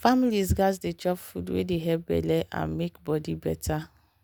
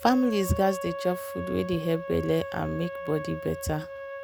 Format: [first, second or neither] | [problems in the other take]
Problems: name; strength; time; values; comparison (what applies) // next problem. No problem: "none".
first | background sound (Wind instrument, woodwind instrument); 9 dB below the speech